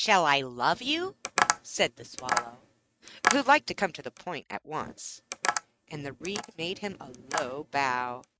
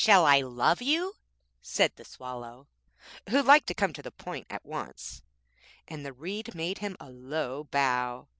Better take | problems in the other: second | noise reduction (neural mask model RNNoise)

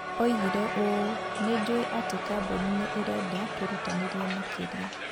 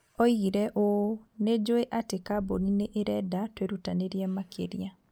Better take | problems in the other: second | background sound (Crowd); 2 dB below the speech

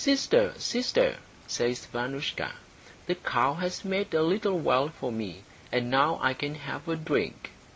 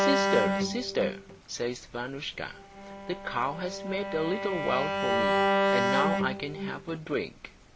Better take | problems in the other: first | background sound (Bowed string instrument); 2 dB above the speech

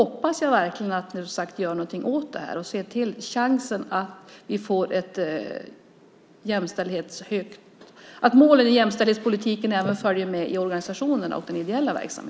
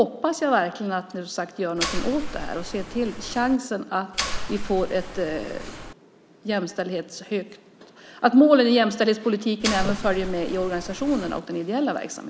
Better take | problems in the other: first | background sound (Mechanisms); 6 dB below the speech

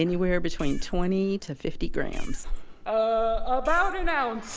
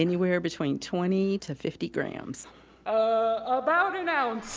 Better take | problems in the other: second | background sound (Meow); 2 dB below the speech

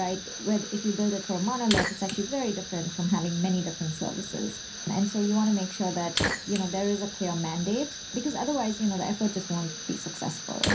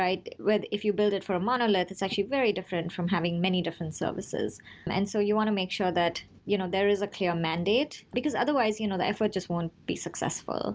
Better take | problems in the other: second | background sound (Fire); 6 dB below the speech // room echo; dies away in 0.3 s

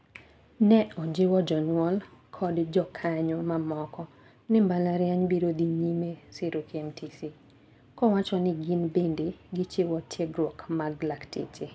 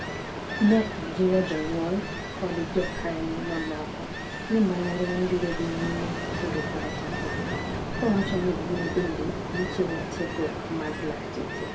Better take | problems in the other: first | background sound (Ocean); 3 dB below the speech // room echo; dies away in 0.2 s

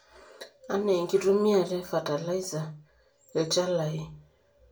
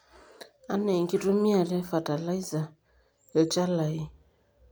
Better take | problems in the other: second | room echo; dies away in 0.2 s

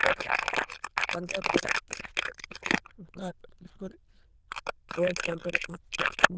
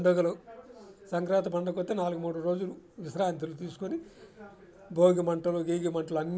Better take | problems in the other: second | noise reduction (neural diffusion model UNIVERSE++)

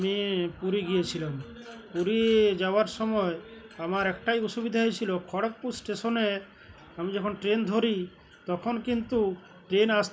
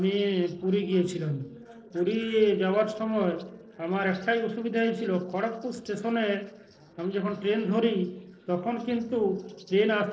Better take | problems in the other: first | noise reduction (neural separator model SepFormer DNS4)

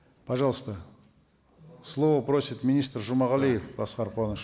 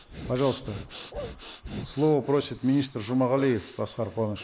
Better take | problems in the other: first | noise reduction (neural mask model Resemble Enhance denoiser)

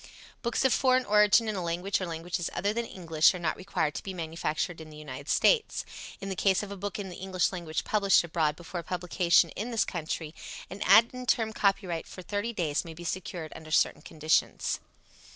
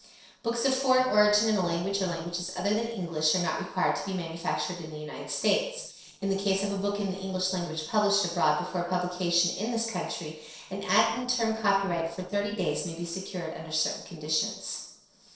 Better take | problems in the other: first | noise reduction (neural separator model SepFormer DNS4)

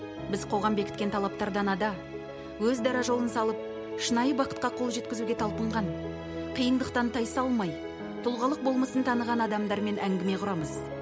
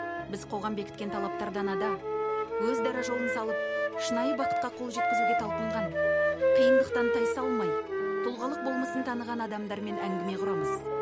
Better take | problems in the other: first | background sound (Wind instrument, woodwind instrument); 4 dB above the speech

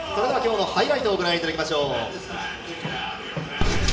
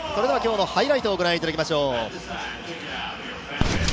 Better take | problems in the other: second | background sound (Walk, footsteps); 16 dB below the speech // room echo; dies away in 0.8 s

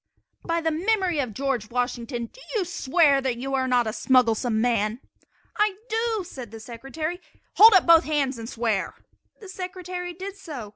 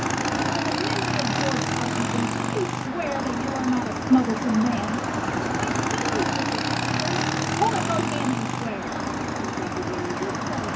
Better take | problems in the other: first | background sound (Motorcycle / Engine); 3 dB above the speech // room echo; dies away in 0.3 s

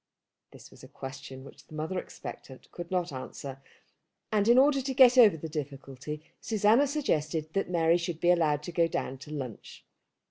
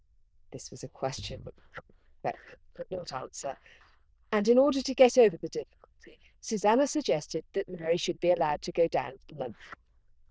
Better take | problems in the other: first | noise reduction (neural diffusion model UNIVERSE++)

